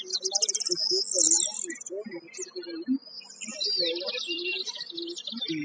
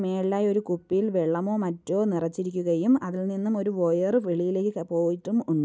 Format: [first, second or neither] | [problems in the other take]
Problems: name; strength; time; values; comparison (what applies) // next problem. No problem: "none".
second | noise reduction (classical method spectral subtraction)